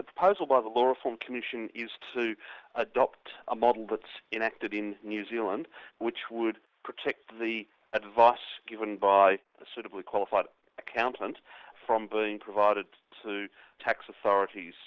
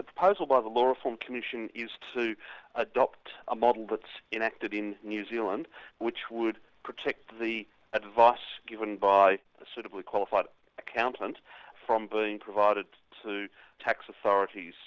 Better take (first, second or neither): second